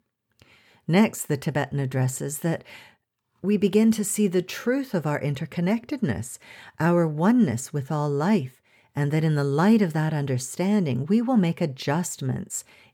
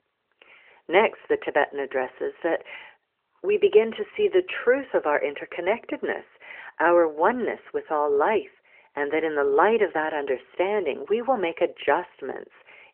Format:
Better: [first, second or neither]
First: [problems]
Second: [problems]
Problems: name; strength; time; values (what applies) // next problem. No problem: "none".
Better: first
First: none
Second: phone-call audio; nothing above 3 kHz